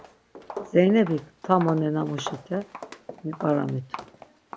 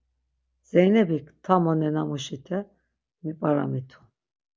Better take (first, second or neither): second